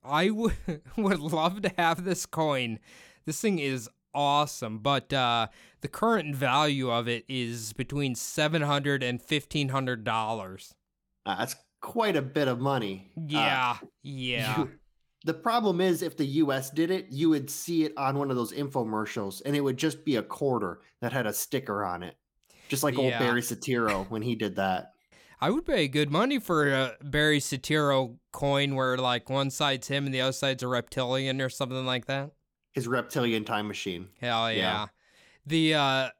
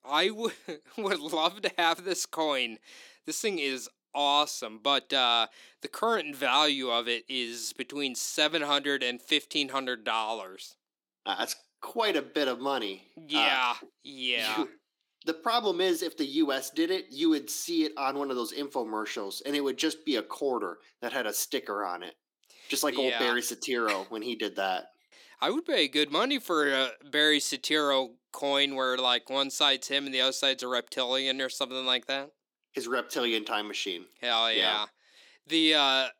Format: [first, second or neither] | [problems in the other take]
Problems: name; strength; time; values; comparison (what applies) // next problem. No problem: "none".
first | thin; very slightly; fading below 300 Hz